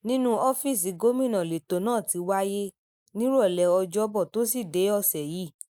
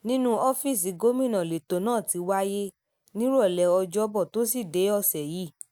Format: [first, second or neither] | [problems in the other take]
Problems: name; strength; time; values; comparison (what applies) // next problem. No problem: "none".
second | noise reduction (neural mask model Resemble Enhance denoiser)